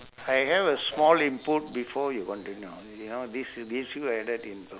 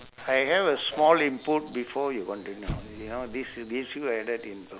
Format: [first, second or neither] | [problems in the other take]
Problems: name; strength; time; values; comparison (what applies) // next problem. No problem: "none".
first | background sound (Explosion); 13 dB below the speech